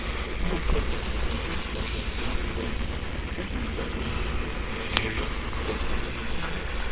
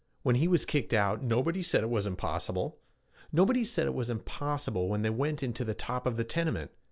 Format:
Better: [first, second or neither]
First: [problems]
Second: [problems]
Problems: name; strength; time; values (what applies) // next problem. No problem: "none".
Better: second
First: noise reduction (neural separator model SepFormer WHAMR!)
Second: none